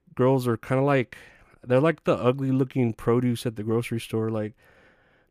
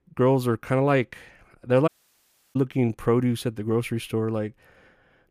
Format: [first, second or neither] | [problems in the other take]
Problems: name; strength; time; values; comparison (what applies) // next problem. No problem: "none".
first | audio cutting out; at 2 s for 0.5 s